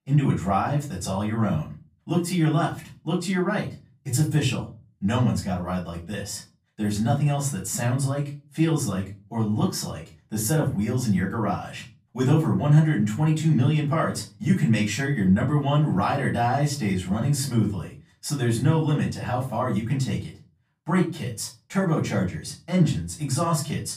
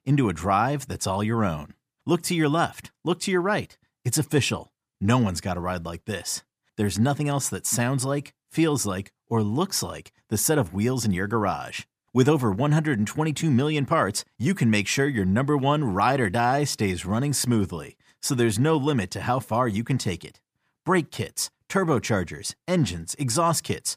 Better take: second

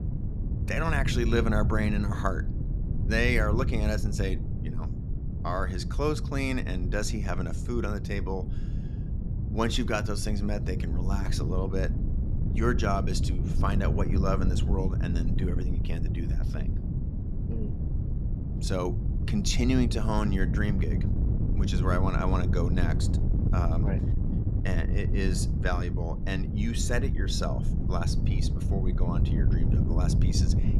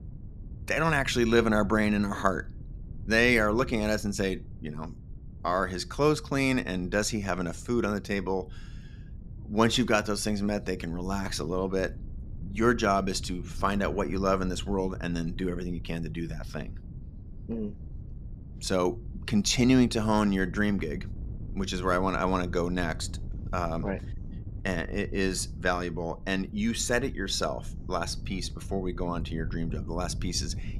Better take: second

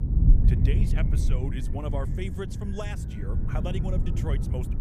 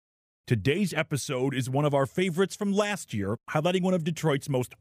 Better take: second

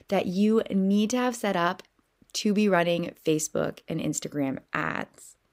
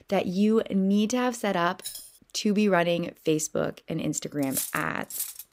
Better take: first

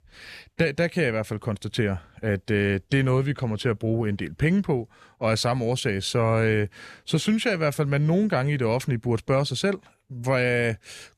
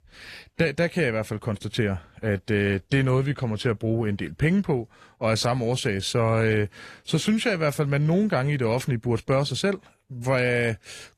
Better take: first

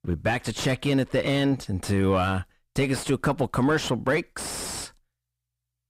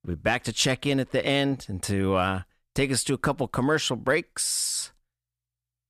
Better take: second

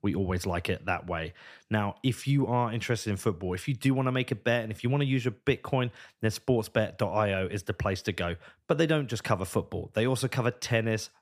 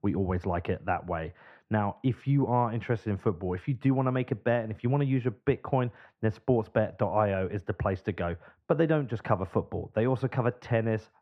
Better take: first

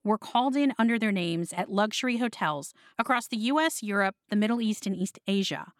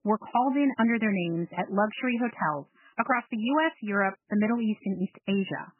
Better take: first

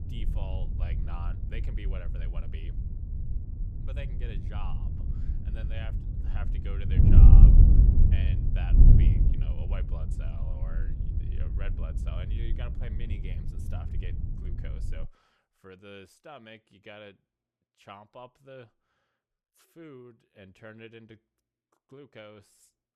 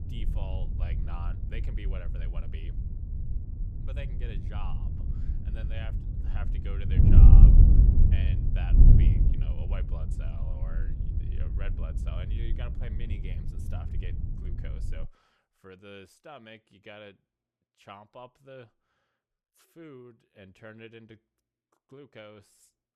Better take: neither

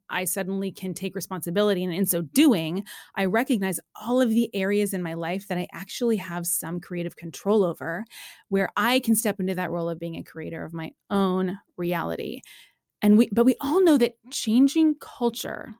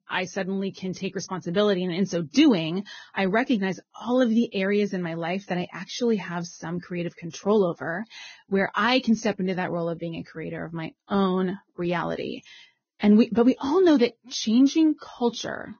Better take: first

